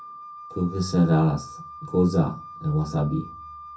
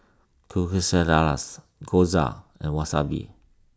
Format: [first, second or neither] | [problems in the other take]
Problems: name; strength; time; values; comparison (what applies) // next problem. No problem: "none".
second | background sound (Wind instrument, woodwind instrument); 16 dB below the speech // room echo; dies away in 0.3 s